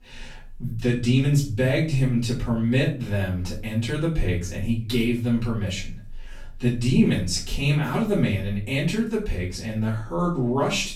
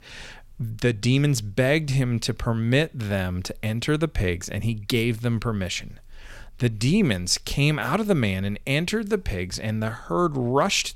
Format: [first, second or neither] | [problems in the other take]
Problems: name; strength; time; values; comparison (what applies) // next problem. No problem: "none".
second | room echo; slight; dies away in 0.4 s // off-mic speech; far